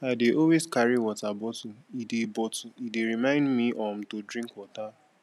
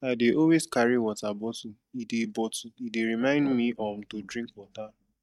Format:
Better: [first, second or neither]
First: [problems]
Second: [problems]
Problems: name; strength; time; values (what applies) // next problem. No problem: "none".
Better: first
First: none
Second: noise reduction (neural mask model DeepFilterNet 3)